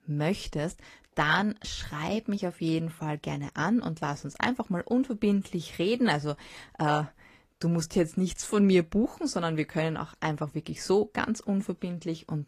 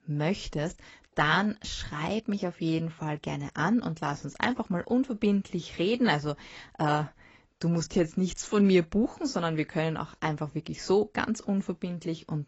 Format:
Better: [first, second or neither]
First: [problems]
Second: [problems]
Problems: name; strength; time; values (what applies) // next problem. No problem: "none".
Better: first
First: garbled, watery; slightly; nothing above 14.5 kHz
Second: garbled, watery; badly; nothing above 7.5 kHz